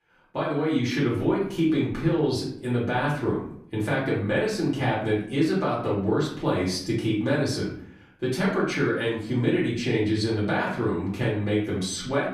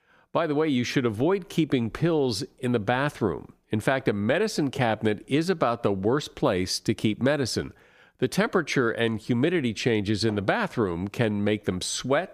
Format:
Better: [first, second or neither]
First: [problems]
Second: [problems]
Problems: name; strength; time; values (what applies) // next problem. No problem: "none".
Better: second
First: room echo; noticeable; dies away in 0.5 s // off-mic speech; far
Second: none